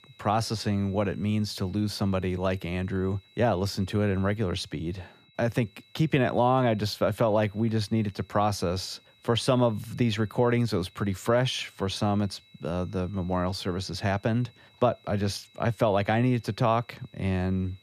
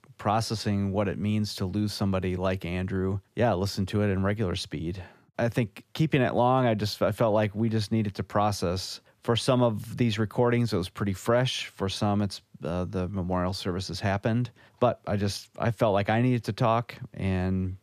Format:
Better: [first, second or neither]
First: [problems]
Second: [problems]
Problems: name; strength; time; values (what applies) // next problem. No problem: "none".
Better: second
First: high-pitched whine; faint; throughout; 4 kHz, 30 dB below the speech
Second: none